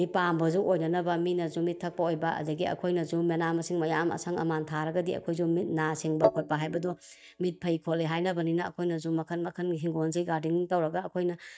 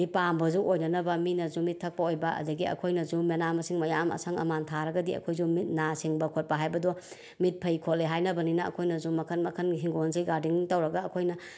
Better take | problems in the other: second | noise reduction (neural mask model DeepFilterNet 3)

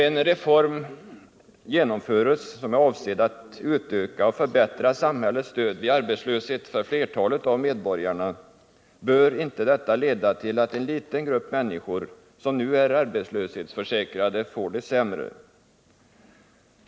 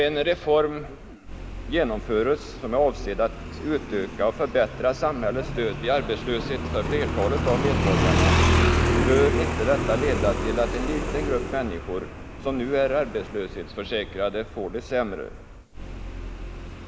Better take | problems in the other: first | background sound (Motorcycle); 1 dB below the speech

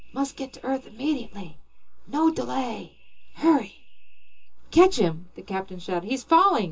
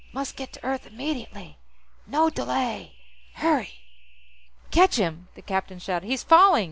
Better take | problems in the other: second | room echo; dies away in 0.2 s

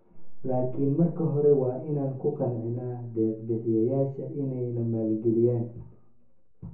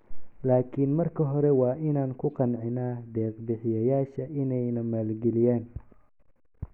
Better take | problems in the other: second | room echo; dies away in 0.7 s

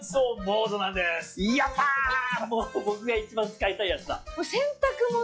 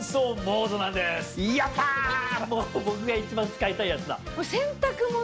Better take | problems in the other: second | noise reduction (classical method log-MMSE)

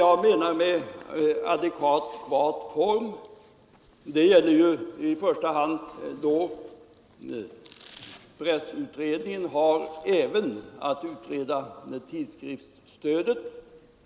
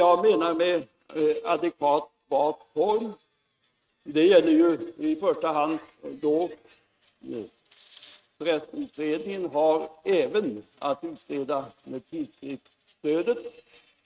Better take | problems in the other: first | noise reduction (neural mask model RNNoise)

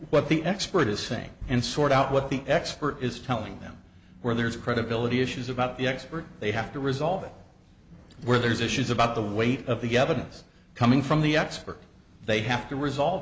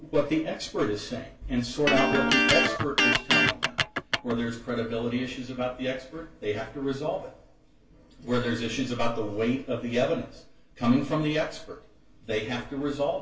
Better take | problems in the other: first | background sound (Electric guitar); 4 dB above the speech // room echo; dies away in 0.2 s

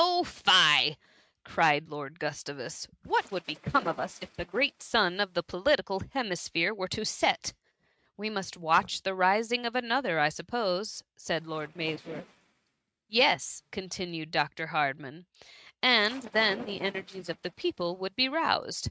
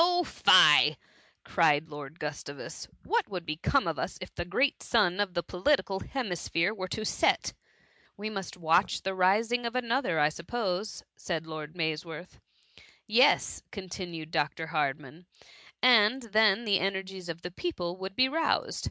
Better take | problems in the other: second | noise reduction (neural mask model RNNoise)

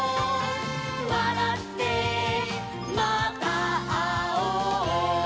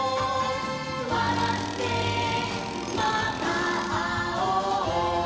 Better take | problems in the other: first | background sound (Tools); 10 dB below the speech // room echo; dies away in 2.5 s

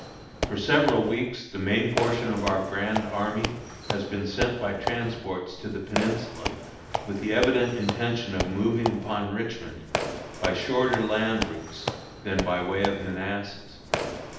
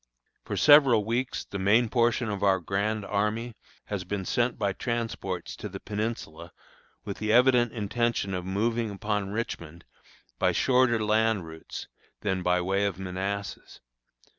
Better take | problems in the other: second | background sound (Squeak / Walk, footsteps); 6 dB below the speech // room echo; dies away in 0.8 s

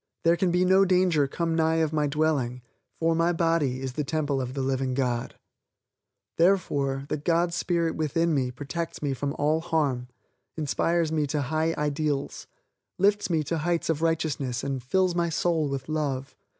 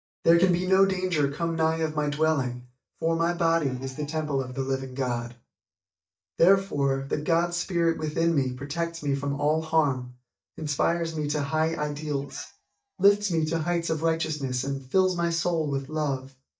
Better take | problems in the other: first | noise reduction (neural mask model DeepFilterNet 3)

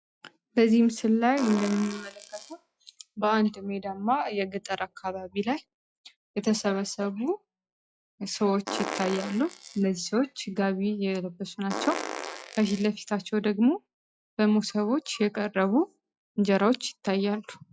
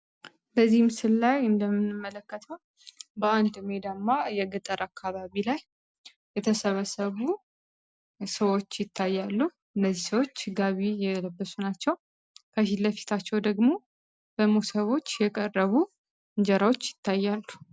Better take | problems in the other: second | noise reduction (classical method log-MMSE)

